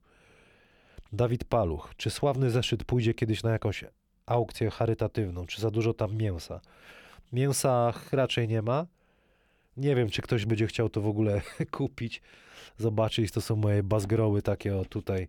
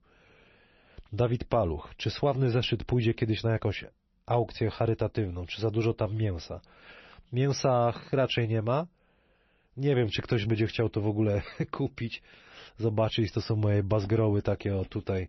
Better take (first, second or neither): first